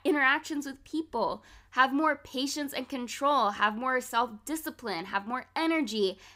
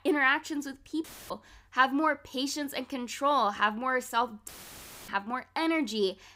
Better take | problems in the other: first | audio cutting out; filled with static; at 1 s and at 4.5 s for 0.5 s

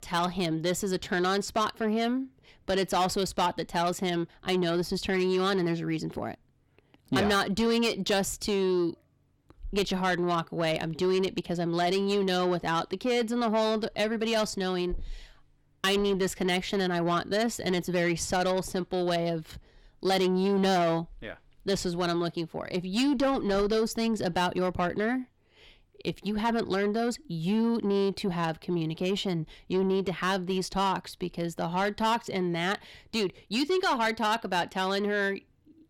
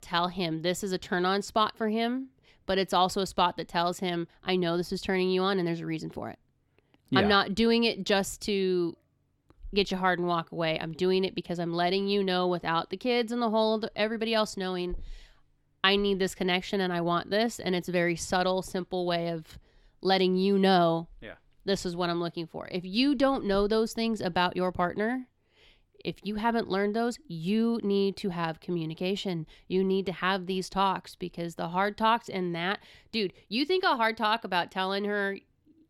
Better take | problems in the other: second | distortion; slight; 10 dB below the speech

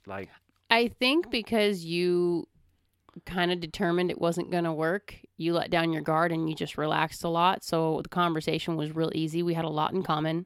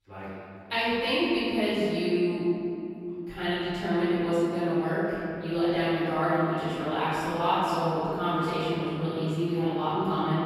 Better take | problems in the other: first | off-mic speech; far // room echo; strong; dies away in 2.7 s

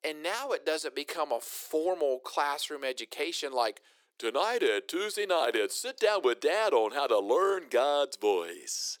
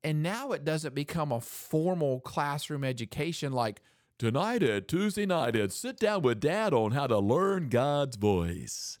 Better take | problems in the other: second | thin; very; fading below 350 Hz

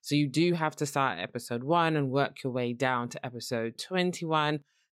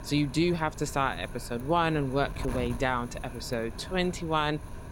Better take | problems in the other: first | wind noise on the microphone; occasional gusts; 15 dB below the speech

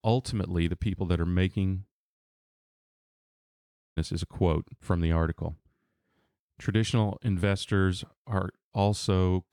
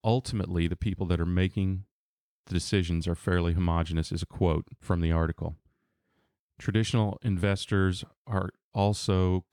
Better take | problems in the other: second | audio cutting out; at 2 s for 2 s

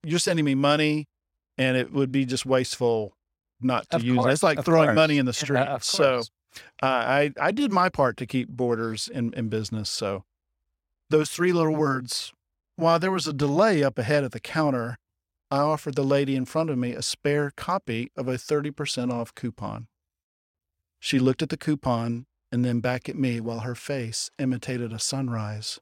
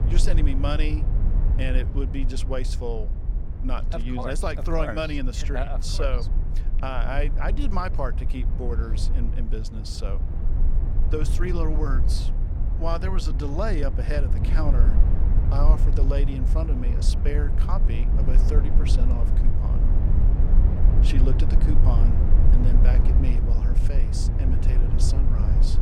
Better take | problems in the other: first | low rumble; loud; throughout; 7 dB below the speech

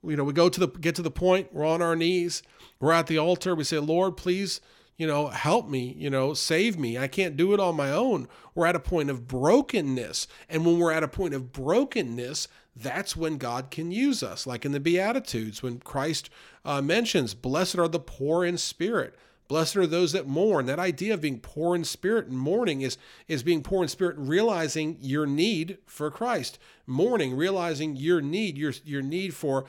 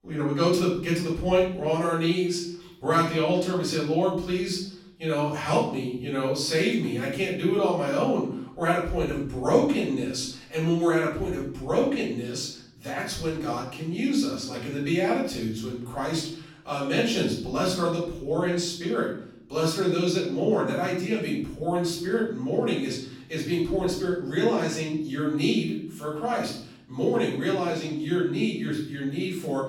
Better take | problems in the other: first | room echo; noticeable; dies away in 0.6 s // off-mic speech; far

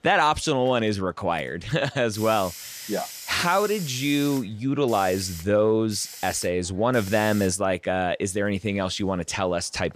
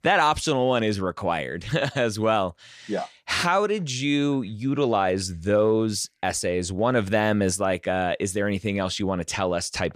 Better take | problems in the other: second | hiss; noticeable; throughout; 15 dB below the speech

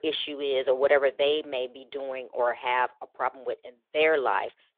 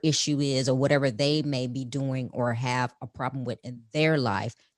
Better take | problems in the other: second | phone-call audio; nothing above 3.5 kHz

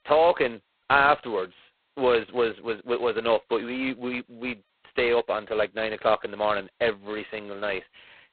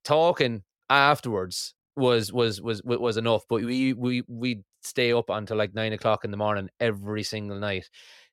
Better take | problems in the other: second | phone-call audio; poor line; nothing above 4 kHz

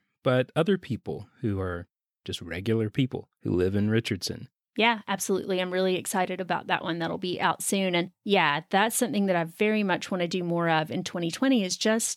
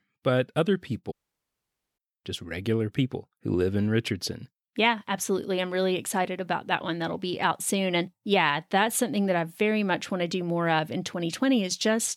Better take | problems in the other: first | audio cutting out; at 1 s for 1 s

